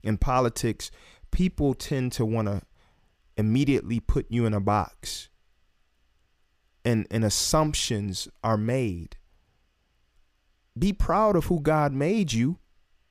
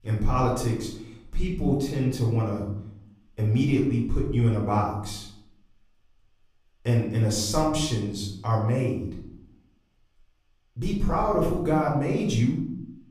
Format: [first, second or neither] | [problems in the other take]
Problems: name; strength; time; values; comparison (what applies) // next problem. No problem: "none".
first | off-mic speech; far // room echo; noticeable; dies away in 0.7 s